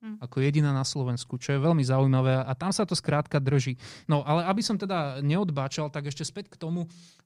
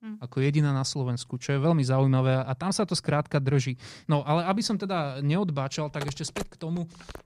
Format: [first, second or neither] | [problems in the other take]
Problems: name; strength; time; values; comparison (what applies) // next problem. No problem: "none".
first | phone ringing; faint; from 6 s on; peak 10 dB below the speech